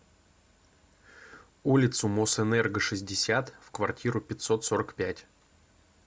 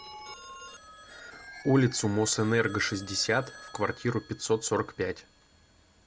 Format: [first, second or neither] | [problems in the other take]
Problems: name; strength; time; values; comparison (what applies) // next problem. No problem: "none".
first | background sound (Telephone); 18 dB below the speech